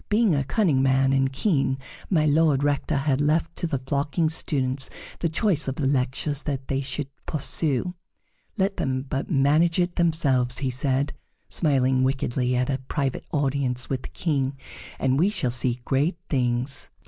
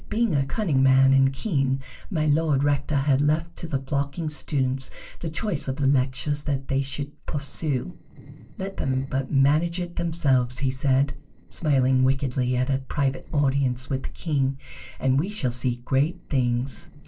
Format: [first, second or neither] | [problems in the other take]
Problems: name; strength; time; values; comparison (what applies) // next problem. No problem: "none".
first | noise reduction (neural separator model SepFormer DNS4)